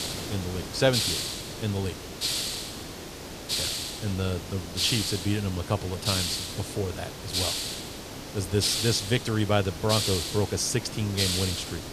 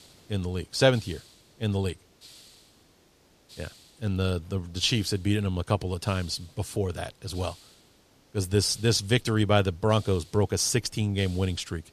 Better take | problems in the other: second | hiss; loud; throughout; 2 dB below the speech; faint in the second

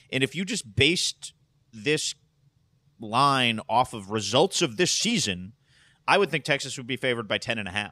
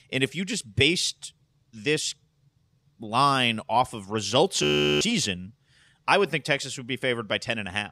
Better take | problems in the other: first | audio freezing; at 4.5 s

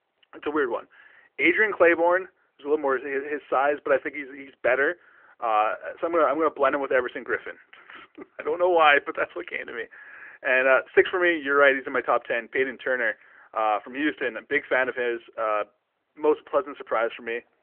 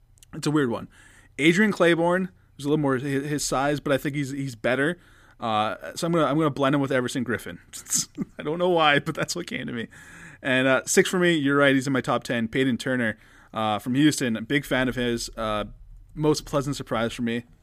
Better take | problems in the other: second | phone-call audio; nothing above 3 kHz

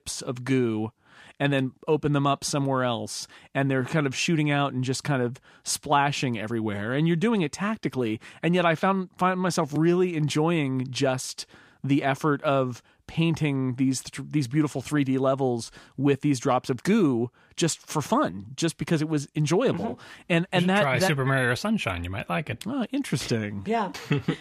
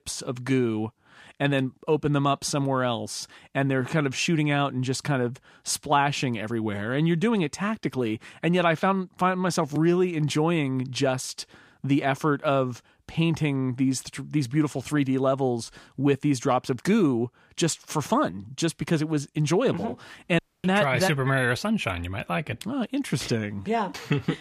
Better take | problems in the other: first | audio cutting out; at 20 s

